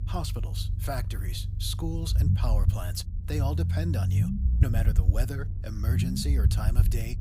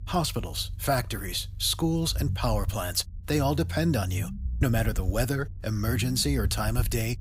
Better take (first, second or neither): second